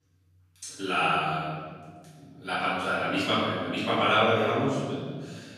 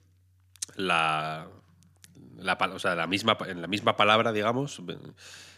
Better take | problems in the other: second | off-mic speech; far // room echo; strong; dies away in 1.6 s

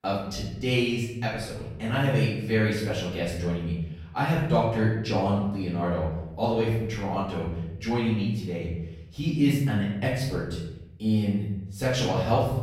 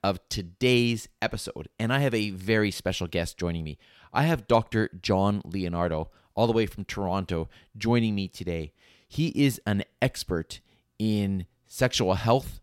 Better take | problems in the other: second | off-mic speech; far // room echo; noticeable; dies away in 1 s

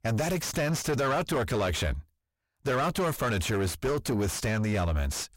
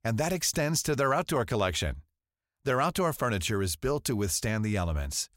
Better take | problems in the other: second | distortion; heavy; 6 dB below the speech

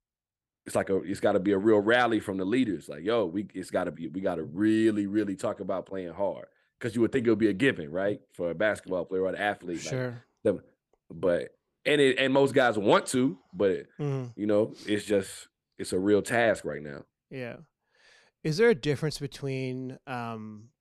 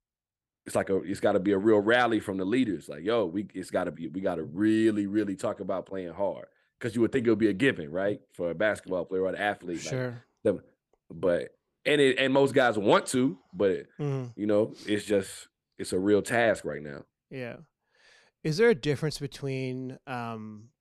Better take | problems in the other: neither | none

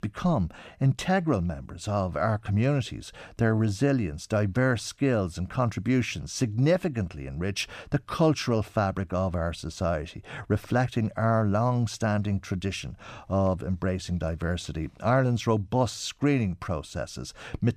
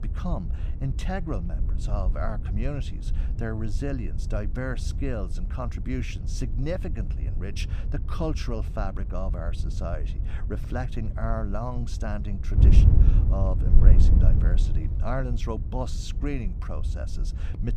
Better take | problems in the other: first | wind noise on the microphone; heavy; 7 dB below the speech

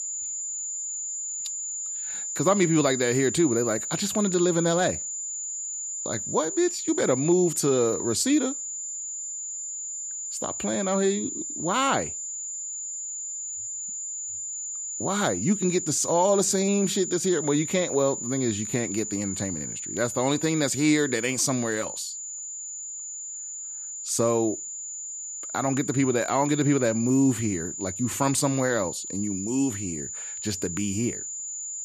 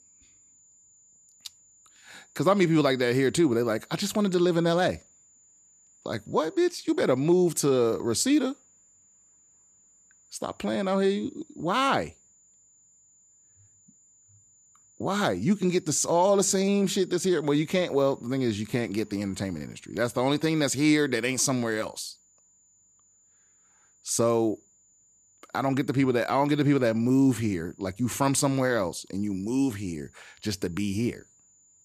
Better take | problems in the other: second | high-pitched whine; loud; throughout; 7 kHz, 6 dB below the speech; faint in the second

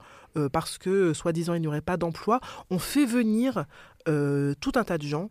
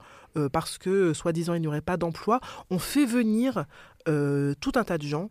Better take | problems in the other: neither | none

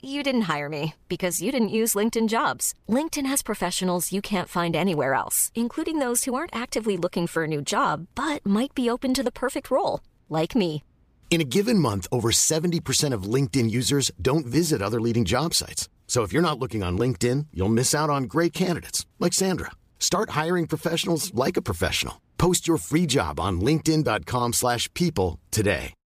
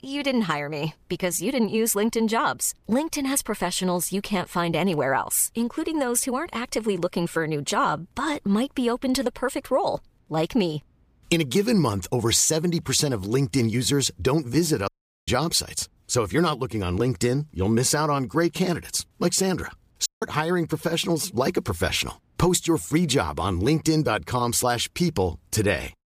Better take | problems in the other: first | audio cutting out; at 15 s and at 20 s

